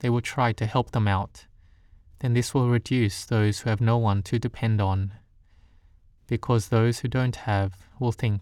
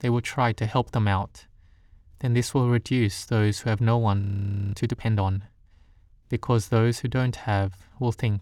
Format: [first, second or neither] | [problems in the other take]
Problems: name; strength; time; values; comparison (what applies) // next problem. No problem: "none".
first | audio freezing; at 4 s for 0.5 s